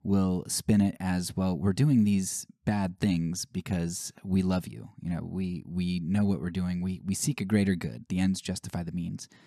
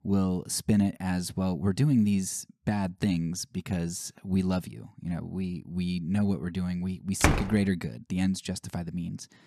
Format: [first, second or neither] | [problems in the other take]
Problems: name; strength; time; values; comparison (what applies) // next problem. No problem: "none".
first | door banging; loud; at 7 s; peak 3 dB above the speech